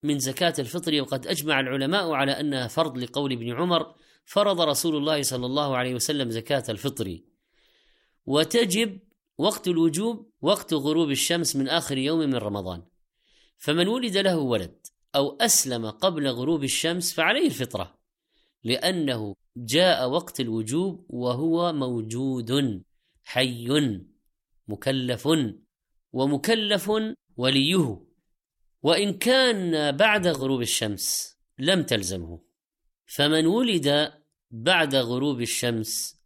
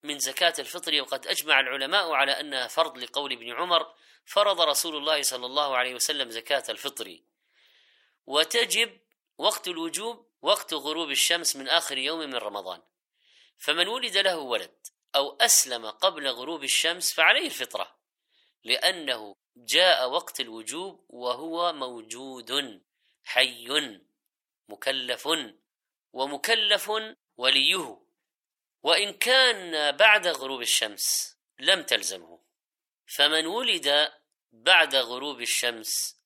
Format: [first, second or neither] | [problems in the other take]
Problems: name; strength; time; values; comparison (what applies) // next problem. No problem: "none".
first | thin; very; fading below 750 Hz